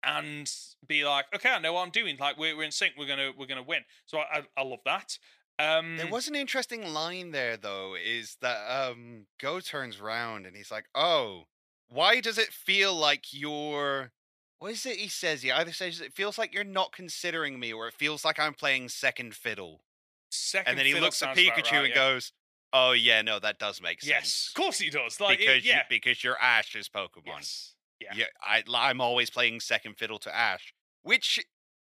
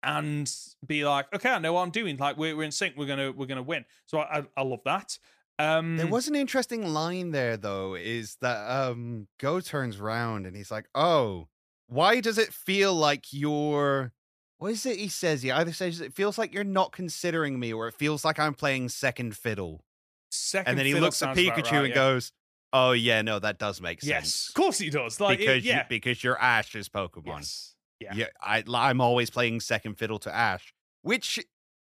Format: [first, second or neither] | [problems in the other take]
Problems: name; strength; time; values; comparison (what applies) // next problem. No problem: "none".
second | thin; somewhat; fading below 450 Hz